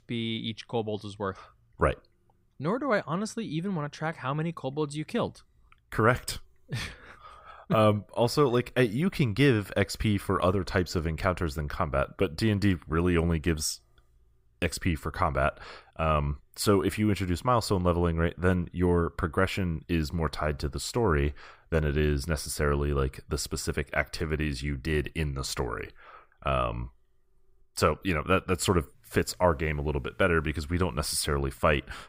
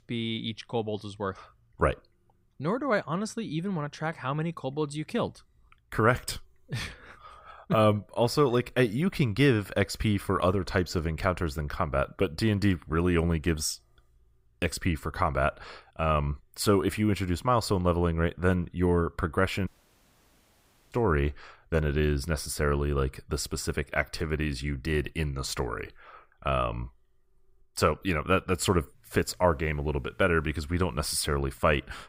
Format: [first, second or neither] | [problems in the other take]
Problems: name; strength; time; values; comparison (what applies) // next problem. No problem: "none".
first | audio cutting out; at 20 s for 1.5 s